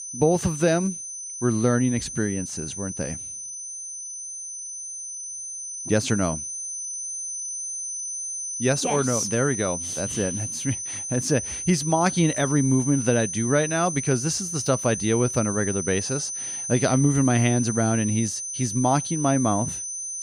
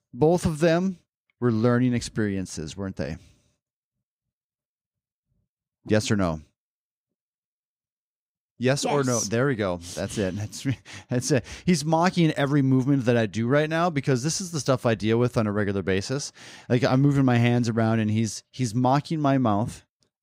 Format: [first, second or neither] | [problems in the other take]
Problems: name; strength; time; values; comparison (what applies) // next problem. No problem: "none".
second | high-pitched whine; loud; throughout; 6 kHz, 5 dB below the speech